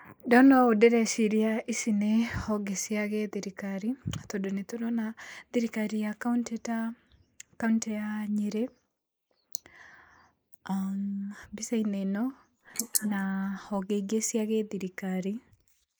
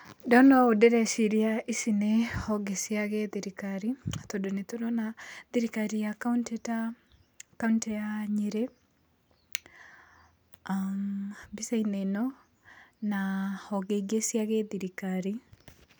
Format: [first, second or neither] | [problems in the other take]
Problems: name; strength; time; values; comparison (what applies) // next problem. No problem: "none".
second | noise reduction (neural mask model Resemble Enhance denoiser)